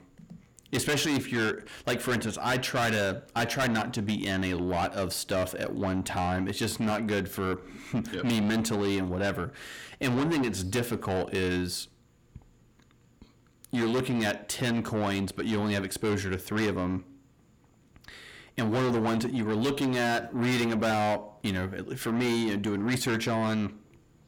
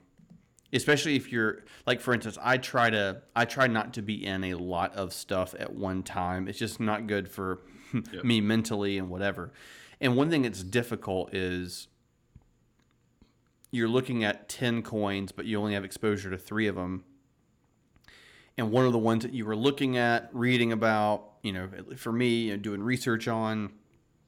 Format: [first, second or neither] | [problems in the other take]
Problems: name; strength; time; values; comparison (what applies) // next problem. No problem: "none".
second | distortion; heavy; 6 dB below the speech